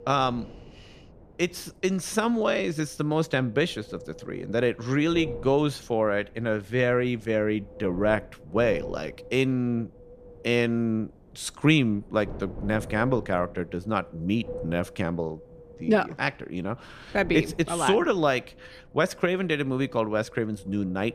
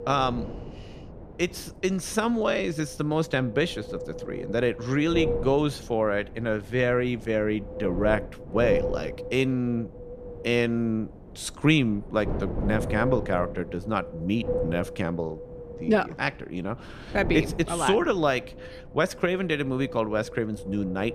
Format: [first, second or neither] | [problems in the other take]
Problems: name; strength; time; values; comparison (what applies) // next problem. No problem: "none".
first | wind noise on the microphone; heavy; 9 dB below the speech; occasional gusts in the first